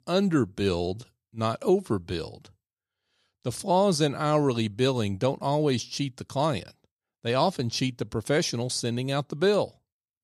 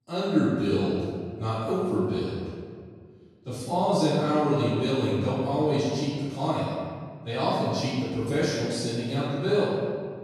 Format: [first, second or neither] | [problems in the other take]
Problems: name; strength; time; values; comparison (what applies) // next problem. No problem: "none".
first | room echo; strong; dies away in 1.8 s // off-mic speech; far